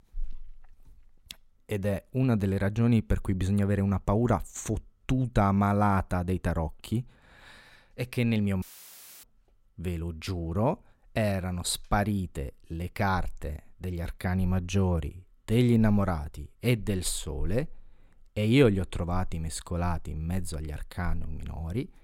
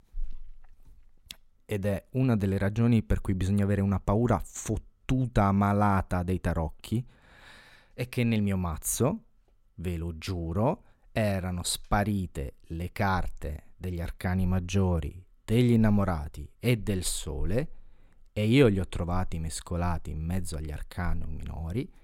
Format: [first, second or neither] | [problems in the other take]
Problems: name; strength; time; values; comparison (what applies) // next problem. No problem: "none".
second | audio cutting out; filled with static; at 8.5 s for 0.5 s